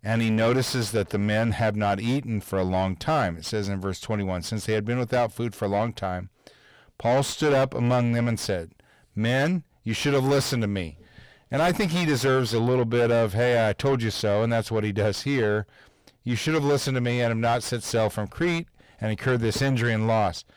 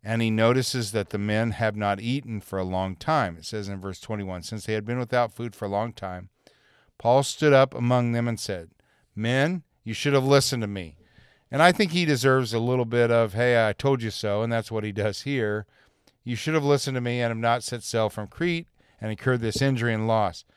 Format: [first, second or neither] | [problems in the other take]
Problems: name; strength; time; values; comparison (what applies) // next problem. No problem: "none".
second | distortion; heavy; 6 dB below the speech